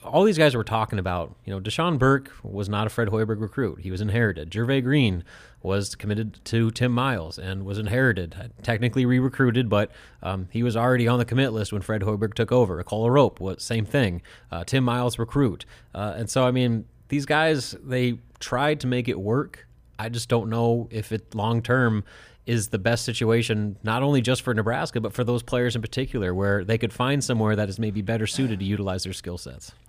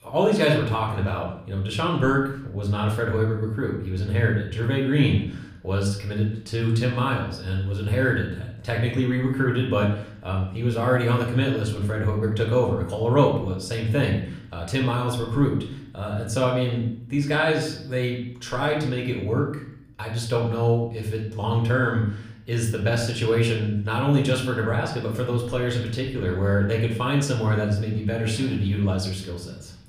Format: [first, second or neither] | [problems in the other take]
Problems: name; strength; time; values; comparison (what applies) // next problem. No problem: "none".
first | room echo; slight; dies away in 0.6 s // off-mic speech; somewhat distant